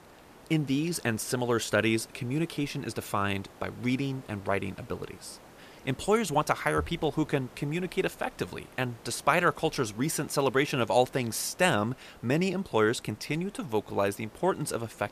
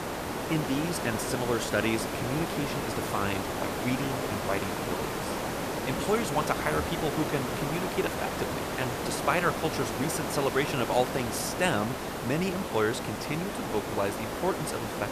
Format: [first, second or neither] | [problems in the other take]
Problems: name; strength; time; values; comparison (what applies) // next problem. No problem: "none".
first | hiss; loud; throughout; 1 dB below the speech; faint in the first